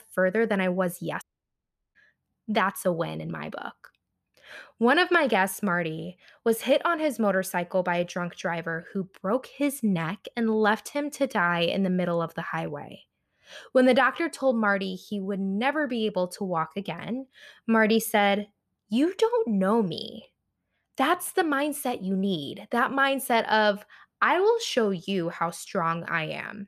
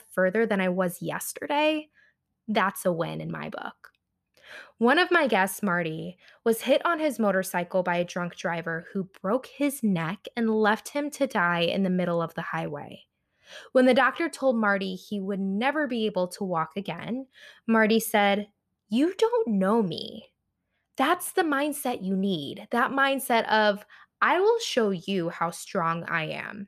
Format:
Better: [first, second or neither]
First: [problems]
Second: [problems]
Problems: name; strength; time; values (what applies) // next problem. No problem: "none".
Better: second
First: audio cutting out; at 1 s for 0.5 s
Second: none